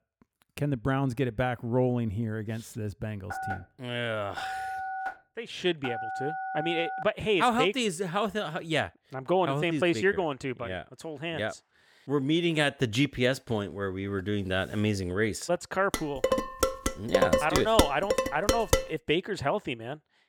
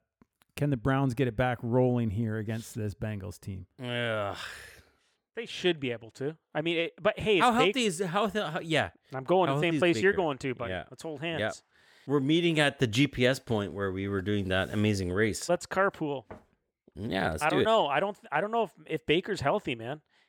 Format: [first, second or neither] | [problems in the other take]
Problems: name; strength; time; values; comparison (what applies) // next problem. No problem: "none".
second | phone ringing; noticeable; from 3.5 to 7 s; peak 5 dB below the speech // clattering dishes; loud; from 16 to 19 s; peak 4 dB above the speech